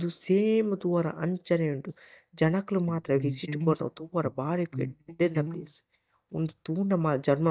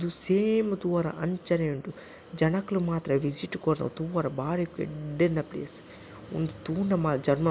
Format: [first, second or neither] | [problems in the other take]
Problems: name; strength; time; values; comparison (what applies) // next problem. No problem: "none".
second | noise reduction (neural mask model DeepFilterNet 3)